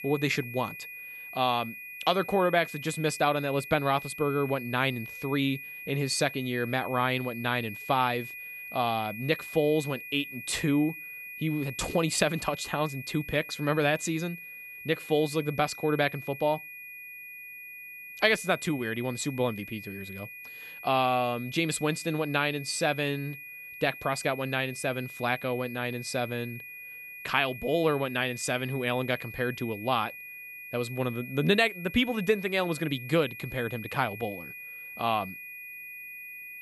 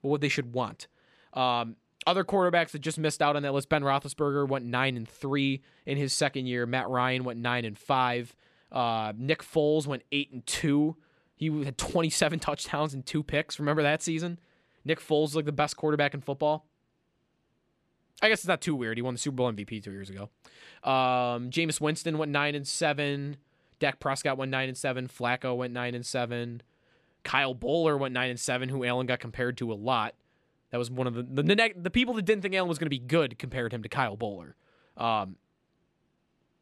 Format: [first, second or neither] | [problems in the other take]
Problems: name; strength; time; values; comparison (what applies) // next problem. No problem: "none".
second | high-pitched whine; noticeable; throughout; 2.5 kHz, 10 dB below the speech